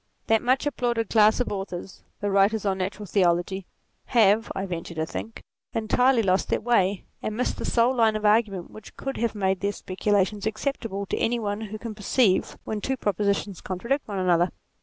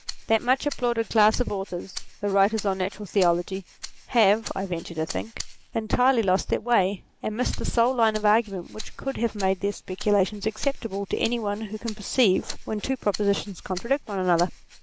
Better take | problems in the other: first | background sound (Rattle (instrument)); 13 dB below the speech

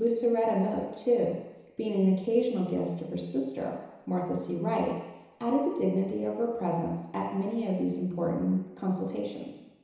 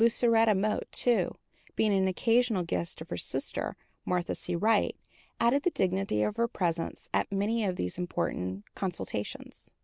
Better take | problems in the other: second | room echo; dies away in 1 s

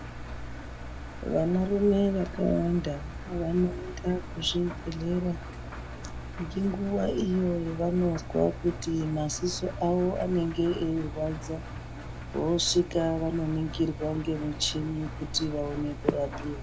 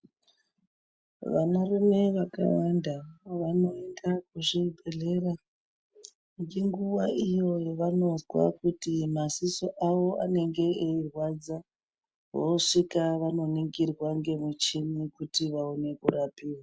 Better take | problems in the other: second | background sound (Engine); 9 dB below the speech

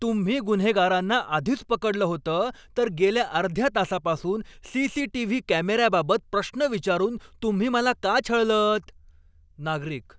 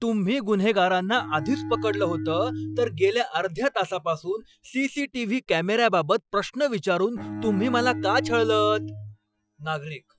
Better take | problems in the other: first | noise reduction (classical method Wiener filter)

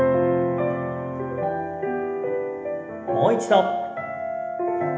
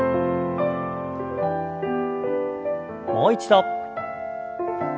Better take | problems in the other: second | room echo; dies away in 1 s

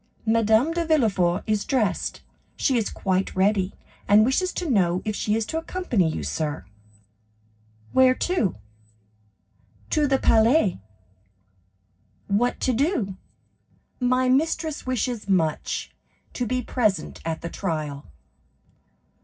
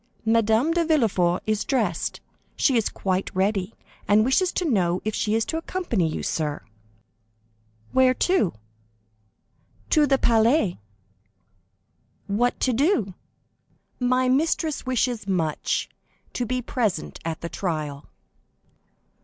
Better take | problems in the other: second | room echo; dies away in 0.4 s

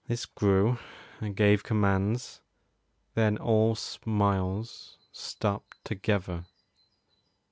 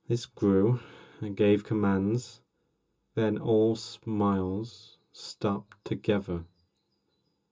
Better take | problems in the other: first | room echo; dies away in 0.2 s

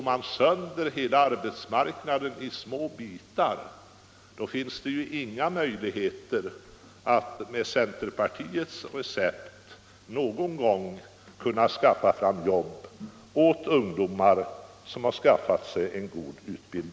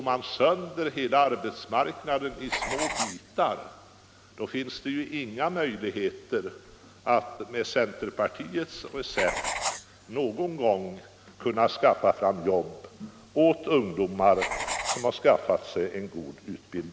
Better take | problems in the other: first | background sound (Writing); 10 dB below the speech

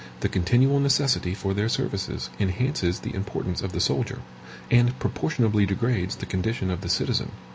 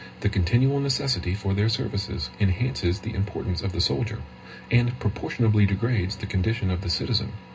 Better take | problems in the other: first | room echo; dies away in 0.2 s

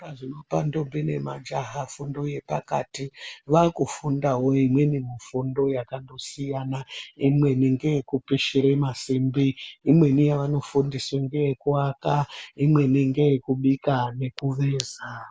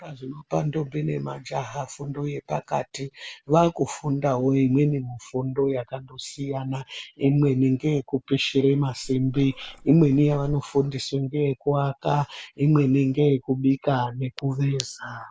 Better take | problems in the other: first | background sound (Meow); 16 dB below the speech

